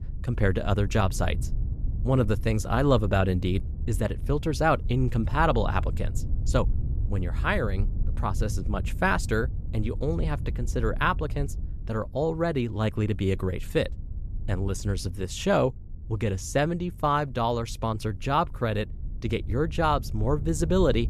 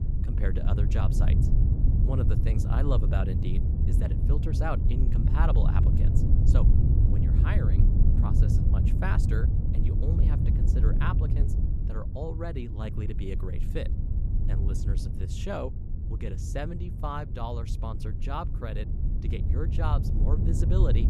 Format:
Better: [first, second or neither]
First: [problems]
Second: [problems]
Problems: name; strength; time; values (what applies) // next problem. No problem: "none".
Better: first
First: wind noise on the microphone; occasional gusts; 20 dB below the speech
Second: wind noise on the microphone; heavy; 3 dB below the speech